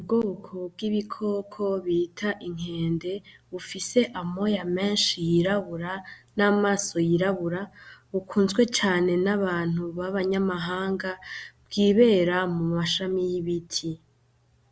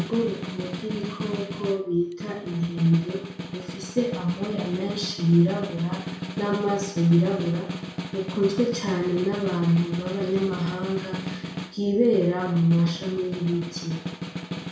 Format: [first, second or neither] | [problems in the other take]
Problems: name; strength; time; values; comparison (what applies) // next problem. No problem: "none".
first | background sound (Snare drum); 8 dB below the speech // room echo; dies away in 0.6 s